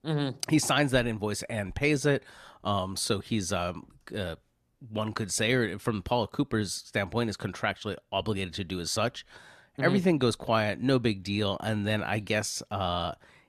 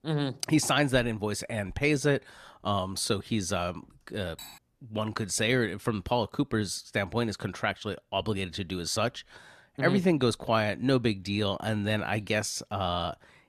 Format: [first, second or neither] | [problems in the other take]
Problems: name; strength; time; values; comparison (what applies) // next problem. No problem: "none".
first | clattering dishes; faint; at 4.5 s; peak 15 dB below the speech